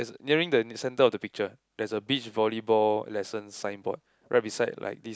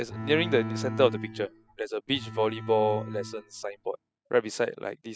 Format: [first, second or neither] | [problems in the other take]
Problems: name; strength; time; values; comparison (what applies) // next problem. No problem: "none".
first | noise reduction (classical method spectral subtraction)